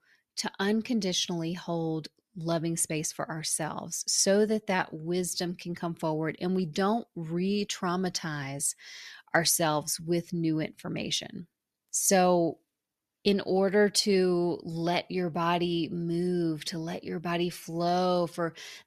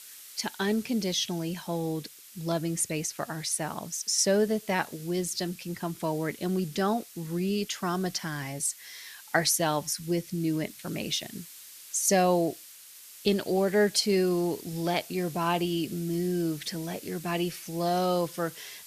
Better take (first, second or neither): first